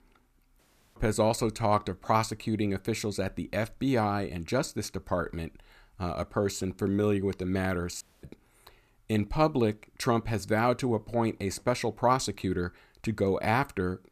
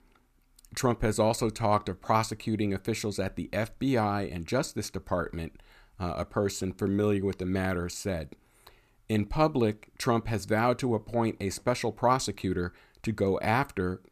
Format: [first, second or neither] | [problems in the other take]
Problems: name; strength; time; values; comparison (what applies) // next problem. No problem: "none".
second | audio cutting out; at 0.5 s and at 8 s